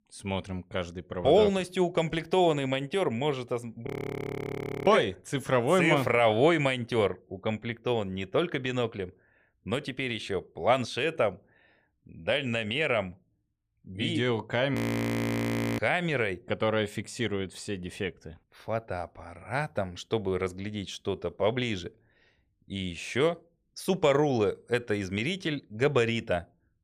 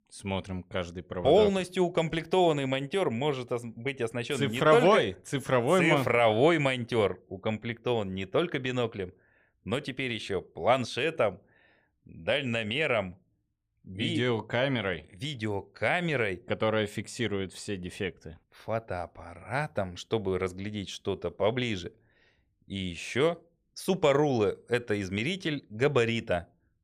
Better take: second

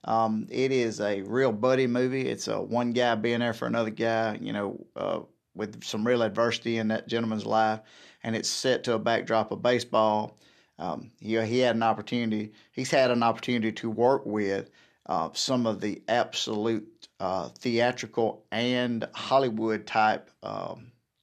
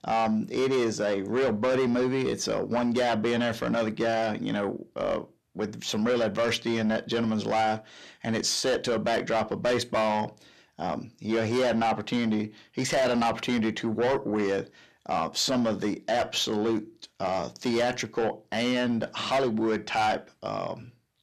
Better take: first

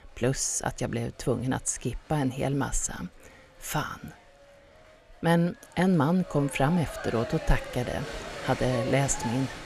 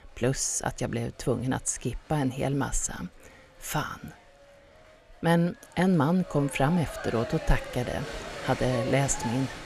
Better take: neither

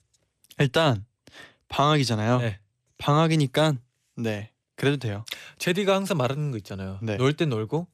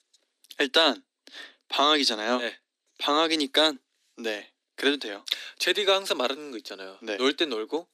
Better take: first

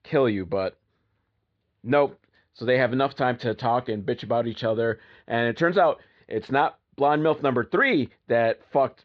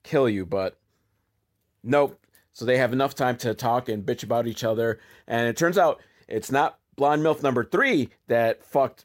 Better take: second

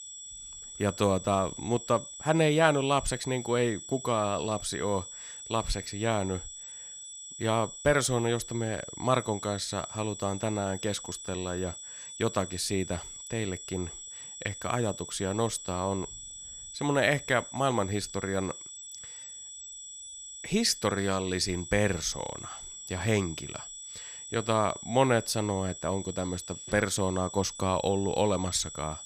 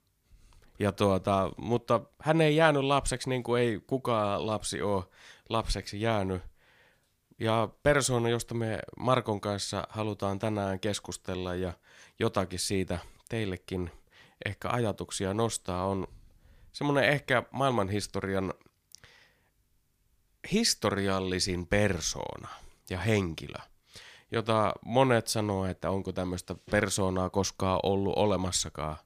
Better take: second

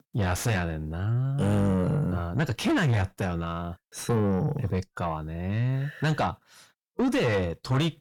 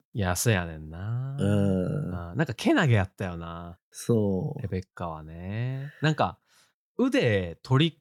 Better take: second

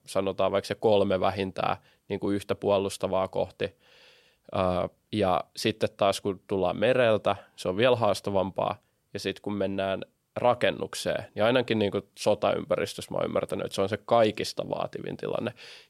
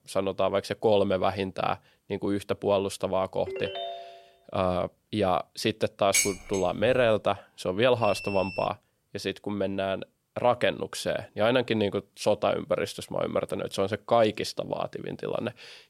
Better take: first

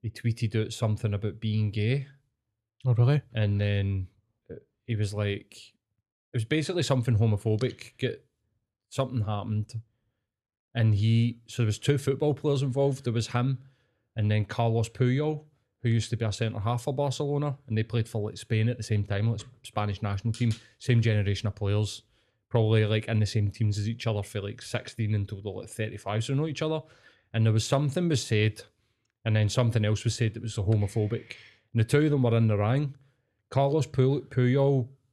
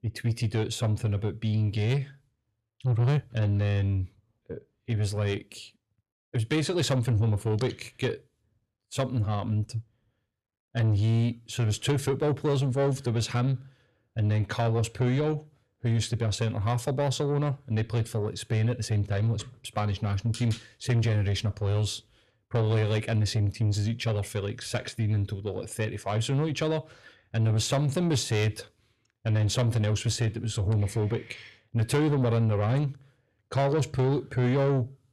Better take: first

